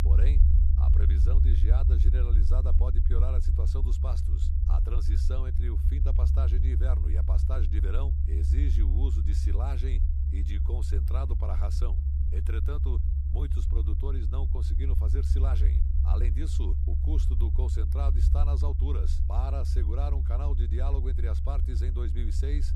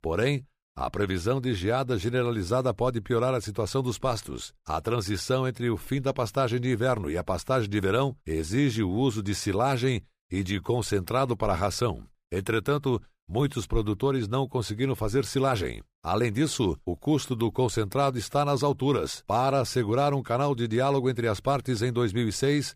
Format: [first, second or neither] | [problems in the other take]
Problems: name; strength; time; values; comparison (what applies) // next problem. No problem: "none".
second | low rumble; loud; throughout; 2 dB below the speech